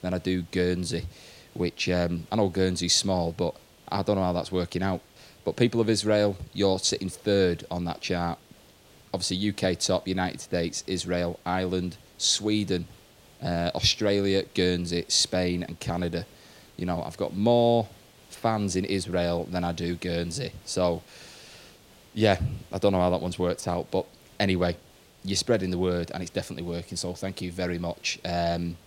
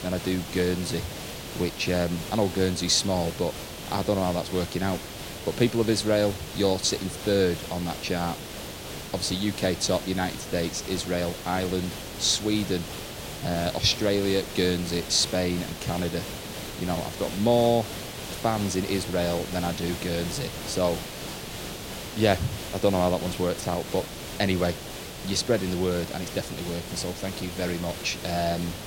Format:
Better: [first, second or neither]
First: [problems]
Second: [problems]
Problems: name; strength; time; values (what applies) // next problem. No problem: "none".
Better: first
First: hiss; faint; throughout; 25 dB below the speech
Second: hiss; loud; throughout; 9 dB below the speech